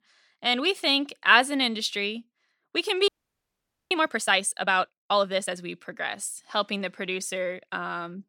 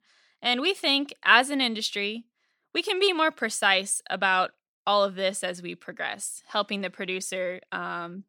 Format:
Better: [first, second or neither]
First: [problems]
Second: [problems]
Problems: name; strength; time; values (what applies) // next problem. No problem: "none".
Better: second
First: audio freezing; at 3 s for 1 s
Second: none